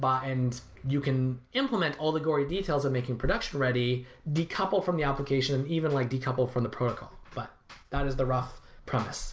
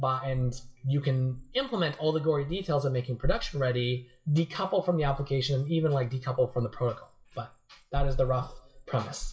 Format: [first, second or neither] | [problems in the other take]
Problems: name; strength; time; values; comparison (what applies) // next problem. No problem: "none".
first | noise reduction (classical method WPE with log-MMSE)